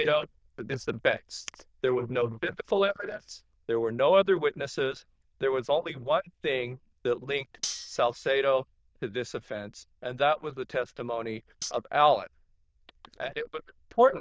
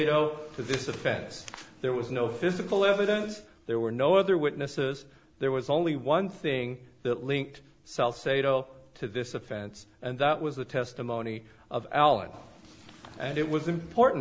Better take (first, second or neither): second